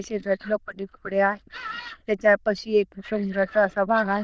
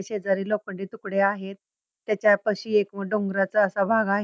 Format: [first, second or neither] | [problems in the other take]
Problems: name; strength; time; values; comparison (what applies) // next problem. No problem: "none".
second | noise reduction (neural diffusion model UNIVERSE++)